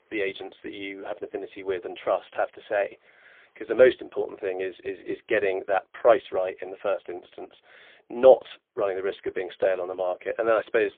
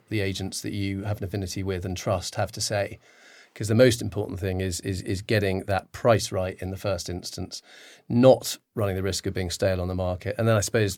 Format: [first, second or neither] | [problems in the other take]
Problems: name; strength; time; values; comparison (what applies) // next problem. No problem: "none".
second | phone-call audio; poor line